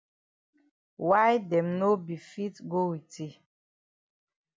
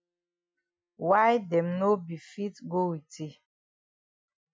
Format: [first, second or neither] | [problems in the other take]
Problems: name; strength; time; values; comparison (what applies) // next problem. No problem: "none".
first | noise reduction (classical method Wiener filter)